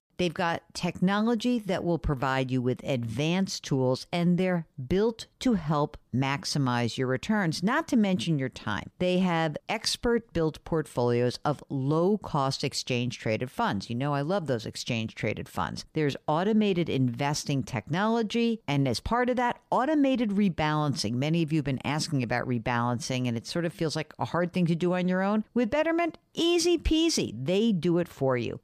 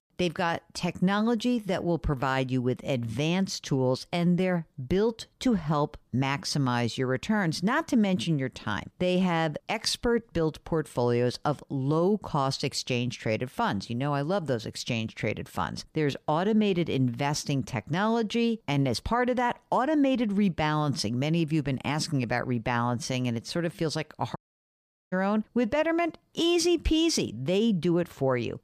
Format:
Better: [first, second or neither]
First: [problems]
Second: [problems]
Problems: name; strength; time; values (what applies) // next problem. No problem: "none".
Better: first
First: none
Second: audio cutting out; at 24 s for 1 s